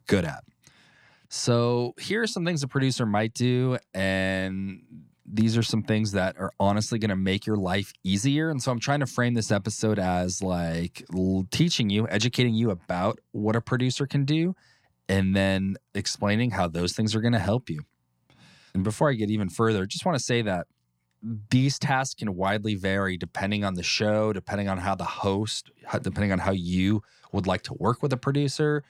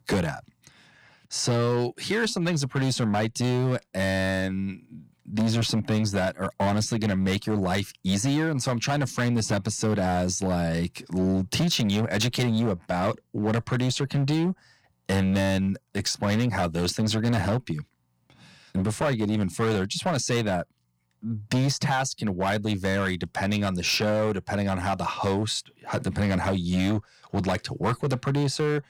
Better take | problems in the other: first | distortion; slight; 11% of the sound clipped

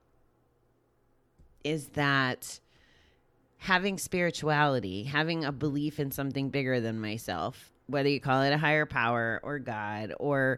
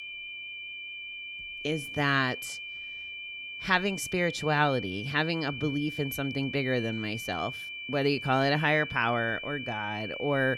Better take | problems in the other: first | high-pitched whine; loud; throughout; 2.5 kHz, 8 dB below the speech

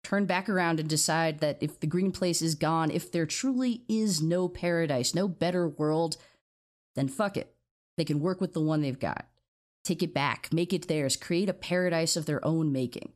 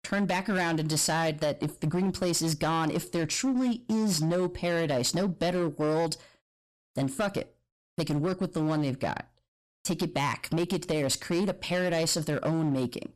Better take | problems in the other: first | distortion; slight; 15% of the sound clipped

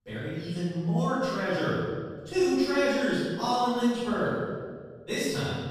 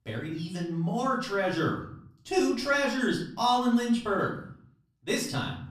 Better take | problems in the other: second | room echo; strong; dies away in 1.5 s; slight in the second // off-mic speech; far; far in the second

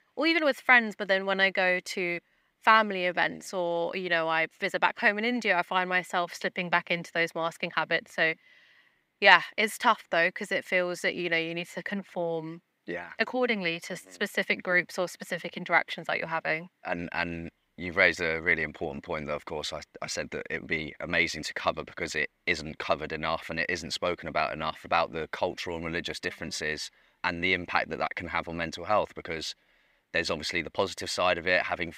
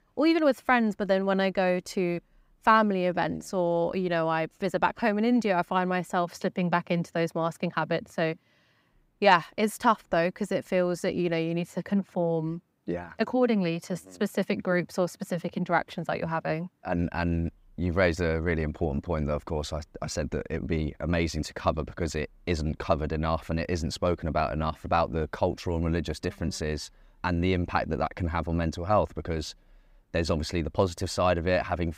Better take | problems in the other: second | thin; somewhat; fading below 950 Hz

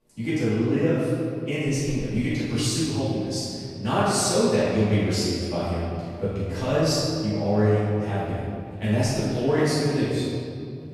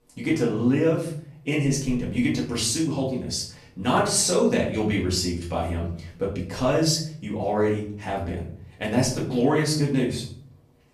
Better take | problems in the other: second | room echo; strong; dies away in 2.3 s; slight in the second // off-mic speech; far; far in the second

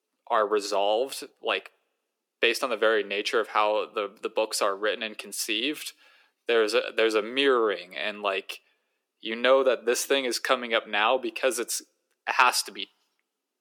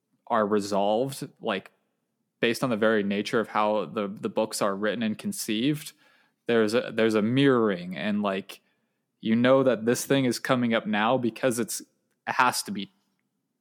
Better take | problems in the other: second | thin; somewhat; fading below 400 Hz

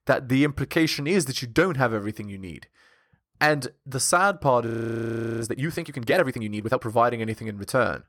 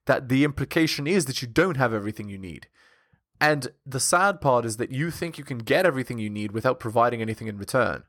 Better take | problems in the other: second | audio freezing; at 4.5 s for 0.5 s

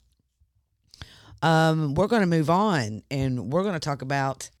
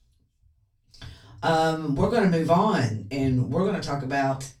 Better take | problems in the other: first | off-mic speech; far // room echo; very slight; dies away in 0.3 s

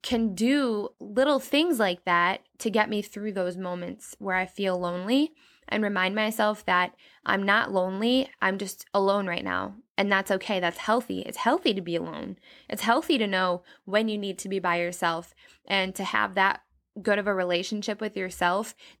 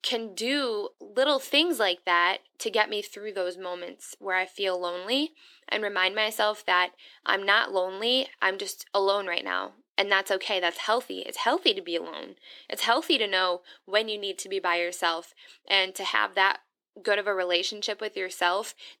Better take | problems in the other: first | thin; somewhat; fading below 350 Hz

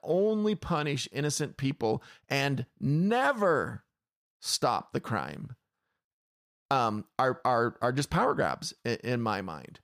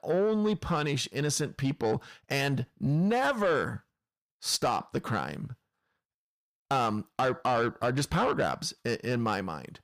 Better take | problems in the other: first | distortion; slight; 10 dB below the speech

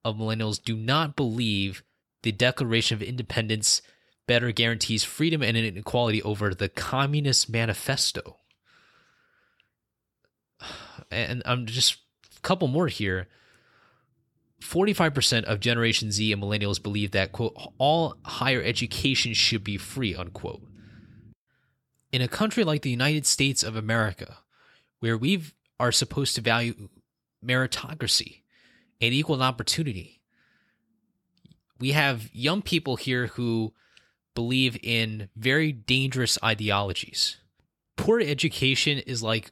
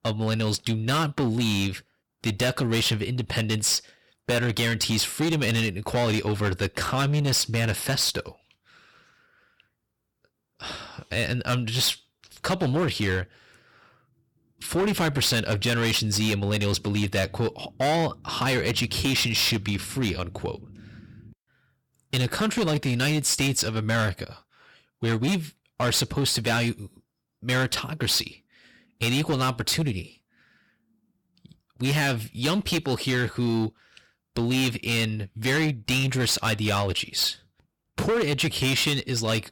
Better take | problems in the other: first | distortion; heavy; 14% of the sound clipped

